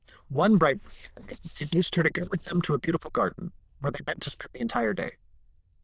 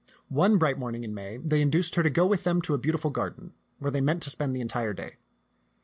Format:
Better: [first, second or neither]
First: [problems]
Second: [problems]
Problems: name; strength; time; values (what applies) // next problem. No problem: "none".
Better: second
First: noise reduction (neural diffusion model UNIVERSE++)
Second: none